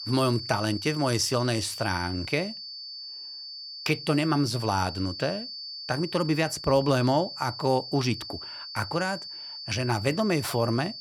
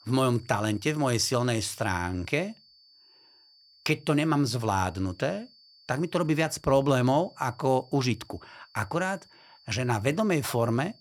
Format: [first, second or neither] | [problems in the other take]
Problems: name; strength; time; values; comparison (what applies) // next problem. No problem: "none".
second | high-pitched whine; loud; throughout; 4.5 kHz, 9 dB below the speech; faint in the second